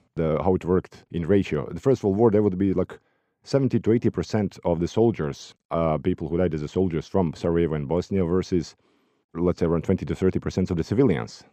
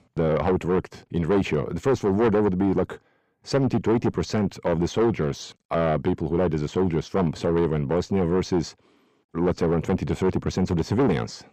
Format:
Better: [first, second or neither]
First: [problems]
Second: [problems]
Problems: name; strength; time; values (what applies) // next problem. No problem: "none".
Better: first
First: none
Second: distortion; heavy; 8 dB below the speech